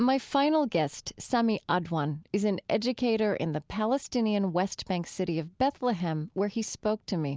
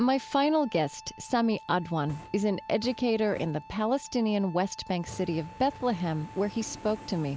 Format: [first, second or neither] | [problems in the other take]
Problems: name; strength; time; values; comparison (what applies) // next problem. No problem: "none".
first | background sound (Fire + Wind instrument, woodwind instrument); 18 dB below the speech